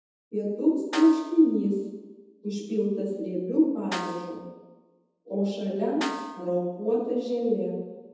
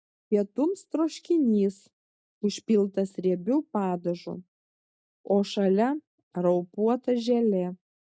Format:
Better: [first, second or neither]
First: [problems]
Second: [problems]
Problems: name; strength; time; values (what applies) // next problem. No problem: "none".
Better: second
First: background sound (Snare drum); 14 dB below the speech // room echo; dies away in 1.1 s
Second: none